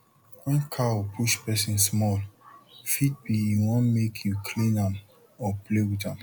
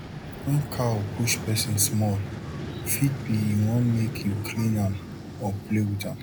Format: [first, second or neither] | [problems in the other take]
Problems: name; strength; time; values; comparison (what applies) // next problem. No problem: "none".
first | background sound (Vehicle); 8 dB below the speech